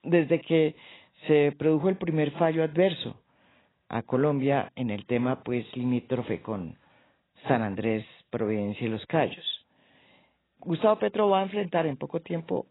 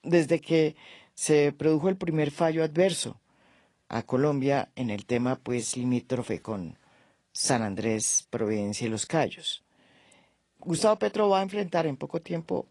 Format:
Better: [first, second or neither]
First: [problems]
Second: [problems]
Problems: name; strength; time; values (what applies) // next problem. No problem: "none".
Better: second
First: garbled, watery; badly; nothing above 4 kHz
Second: garbled, watery; slightly; nothing above 10 kHz